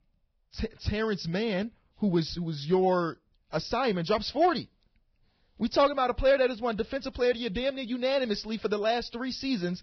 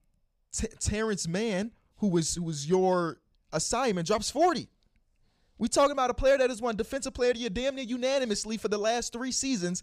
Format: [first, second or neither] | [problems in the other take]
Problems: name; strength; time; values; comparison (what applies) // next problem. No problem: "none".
second | garbled, watery; badly; nothing above 5.5 kHz